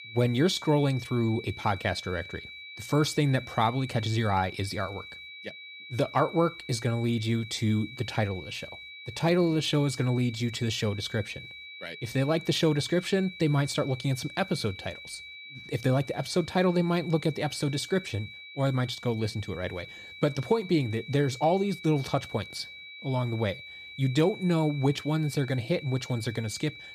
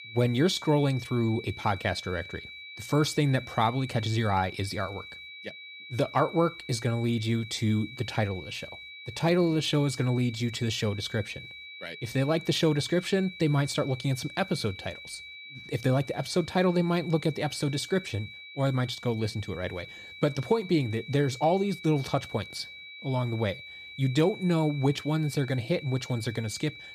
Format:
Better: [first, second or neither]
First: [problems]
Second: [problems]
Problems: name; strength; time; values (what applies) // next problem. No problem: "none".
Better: neither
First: high-pitched whine; noticeable; throughout; 2.5 kHz, 15 dB below the speech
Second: high-pitched whine; noticeable; throughout; 2.5 kHz, 15 dB below the speech